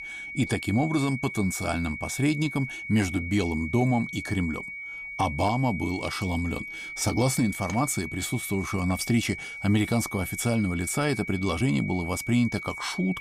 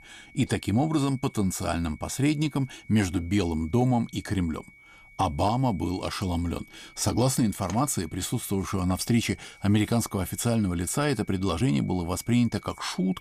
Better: second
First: high-pitched whine; loud; throughout; 2.5 kHz, 8 dB below the speech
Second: high-pitched whine; faint; throughout; 2.5 kHz, 25 dB below the speech

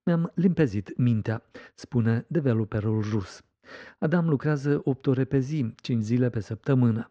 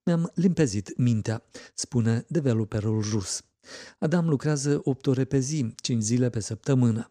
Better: second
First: muffled; very; fading above 3 kHz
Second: none

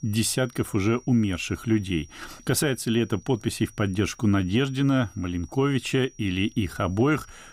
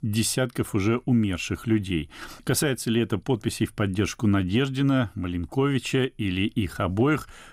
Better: second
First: high-pitched whine; faint; throughout; 6 kHz, 25 dB below the speech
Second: none

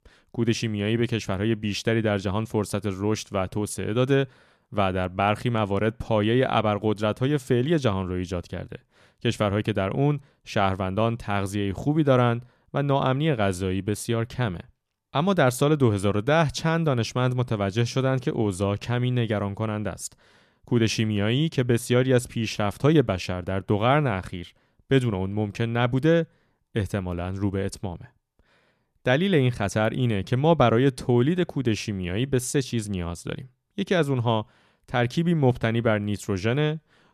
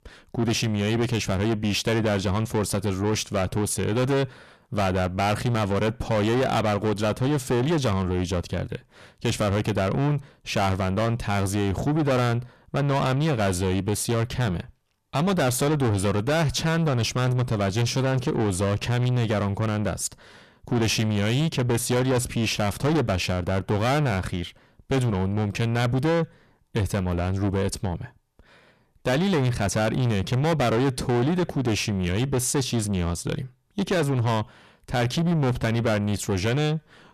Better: first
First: none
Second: distortion; heavy; 6 dB below the speech

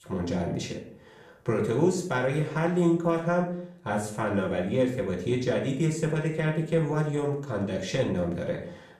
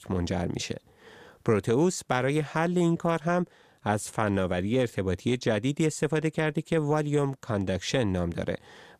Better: second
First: off-mic speech; somewhat distant // room echo; slight; dies away in 0.5 s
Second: none

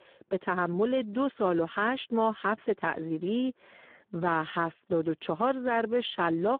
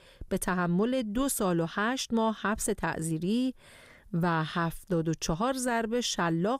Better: second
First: phone-call audio; poor line; nothing above 3.5 kHz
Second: none

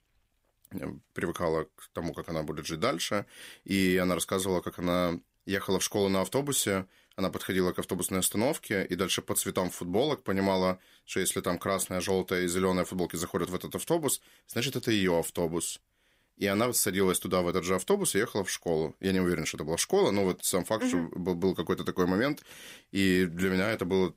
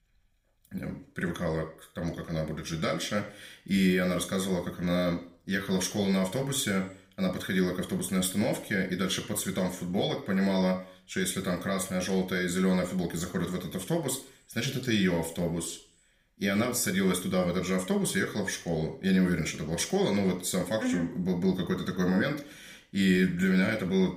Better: first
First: none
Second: room echo; very slight; dies away in 0.4 s

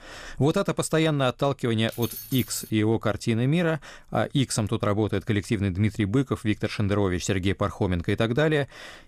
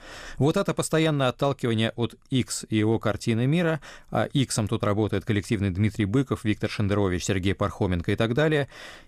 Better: second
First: jangling keys; noticeable; at 2 s; peak 10 dB below the speech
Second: none

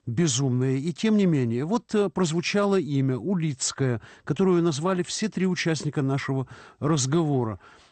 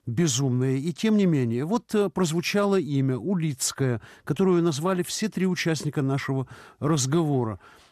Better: second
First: garbled, watery; slightly; nothing above 8 kHz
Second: none

